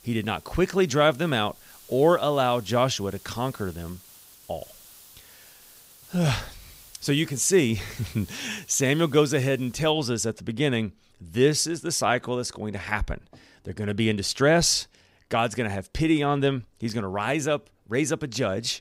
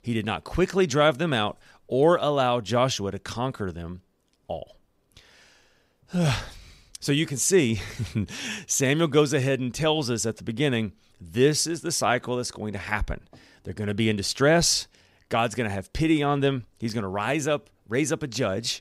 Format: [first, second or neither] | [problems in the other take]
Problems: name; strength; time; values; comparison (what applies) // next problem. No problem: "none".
second | hiss; faint; until 10 s; 25 dB below the speech